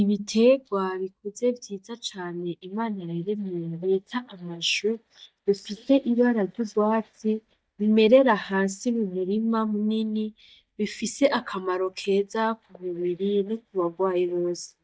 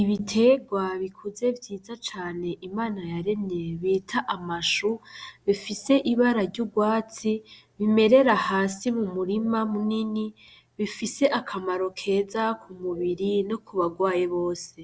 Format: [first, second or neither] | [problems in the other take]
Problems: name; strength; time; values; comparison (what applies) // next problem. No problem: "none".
second | noise reduction (neural mask model DeepFilterNet 3)